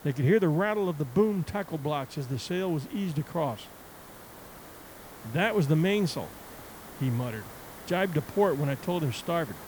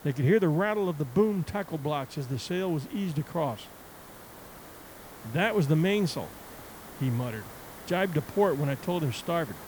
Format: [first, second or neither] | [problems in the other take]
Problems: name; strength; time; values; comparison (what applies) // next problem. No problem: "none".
neither | hiss; noticeable; throughout; 15 dB below the speech; the same in both